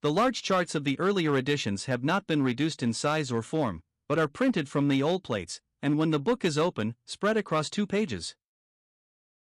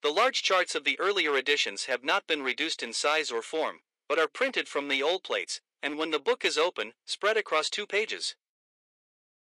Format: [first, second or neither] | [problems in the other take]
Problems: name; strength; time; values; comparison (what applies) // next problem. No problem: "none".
first | thin; very; fading below 400 Hz